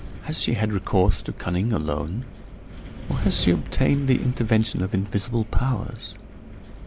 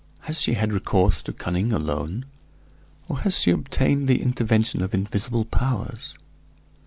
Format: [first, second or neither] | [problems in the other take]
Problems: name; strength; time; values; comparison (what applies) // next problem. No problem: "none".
second | background sound (Wind); 11 dB below the speech